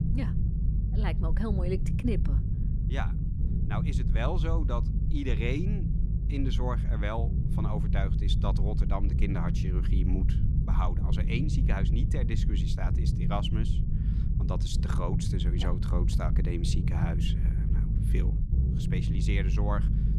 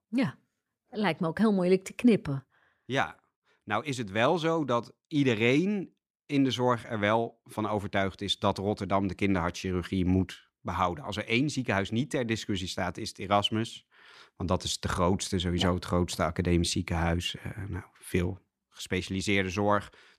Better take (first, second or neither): second